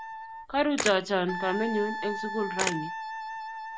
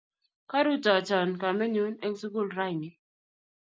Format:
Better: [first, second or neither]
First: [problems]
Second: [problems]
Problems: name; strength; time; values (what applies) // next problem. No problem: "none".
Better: second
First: background sound (Camera + Wind instrument, woodwind instrument); 5 dB below the speech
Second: none